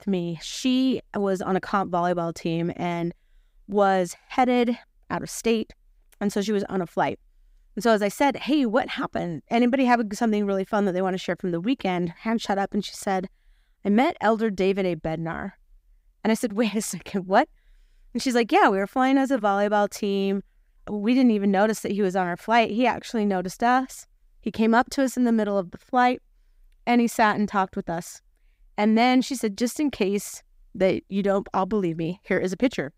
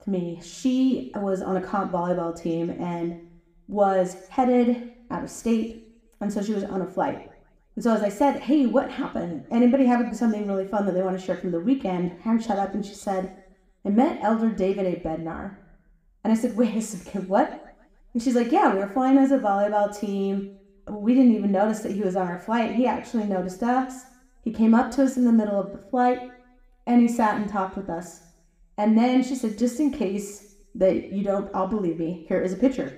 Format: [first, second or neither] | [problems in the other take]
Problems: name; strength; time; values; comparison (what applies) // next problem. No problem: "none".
first | room echo; slight; dies away in 0.8 s // off-mic speech; somewhat distant